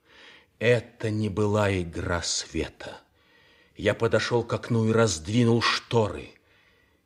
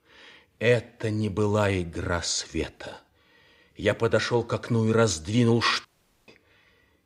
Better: first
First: none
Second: audio cutting out; at 6 s

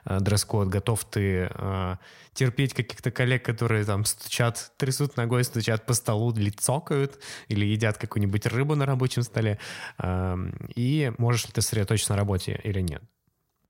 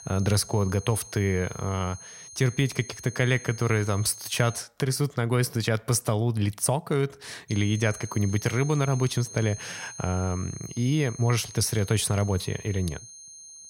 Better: first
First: none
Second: high-pitched whine; noticeable; until 4.5 s and from 7.5 s on; 6.5 kHz, 15 dB below the speech

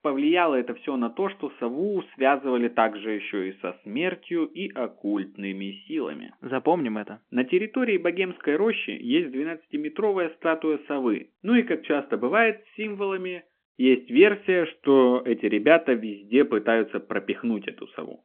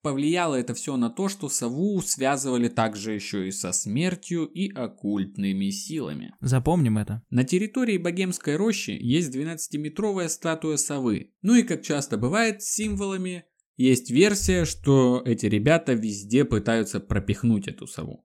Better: second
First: phone-call audio; nothing above 3.5 kHz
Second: none

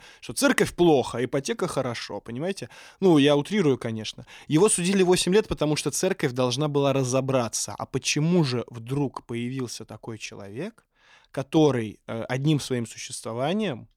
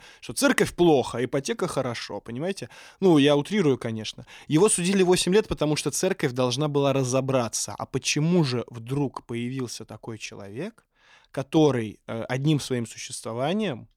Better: neither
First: none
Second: none

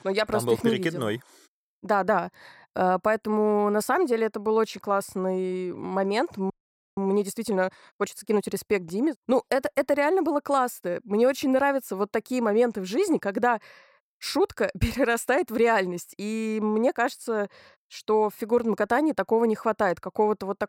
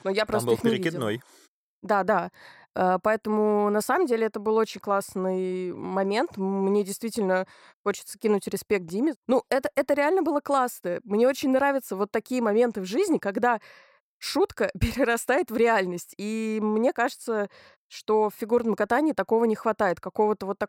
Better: second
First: audio freezing; at 6.5 s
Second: none

